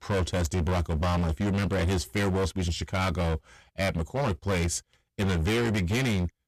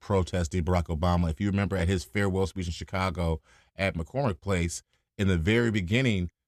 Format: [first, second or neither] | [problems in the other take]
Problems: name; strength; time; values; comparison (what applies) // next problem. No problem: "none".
second | distortion; heavy; 28% of the sound clipped